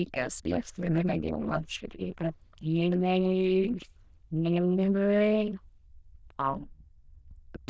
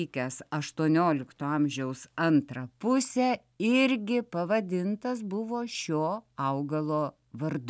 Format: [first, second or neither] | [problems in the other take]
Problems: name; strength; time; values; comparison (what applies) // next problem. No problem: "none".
second | noise reduction (neural diffusion model UNIVERSE++)